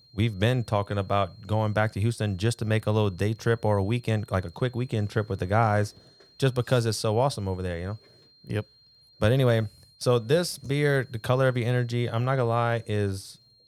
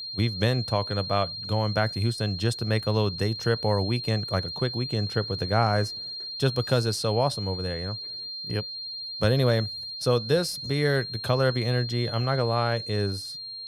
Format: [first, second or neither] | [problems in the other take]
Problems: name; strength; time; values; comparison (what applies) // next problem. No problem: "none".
first | high-pitched whine; loud; throughout; 4 kHz, 6 dB below the speech; faint in the first